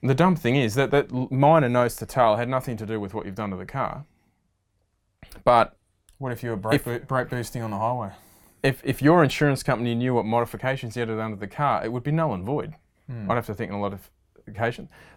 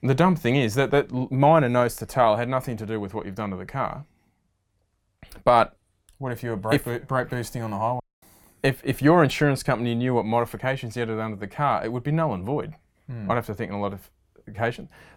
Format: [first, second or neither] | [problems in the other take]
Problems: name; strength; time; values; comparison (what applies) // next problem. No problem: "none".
first | audio cutting out; at 8 s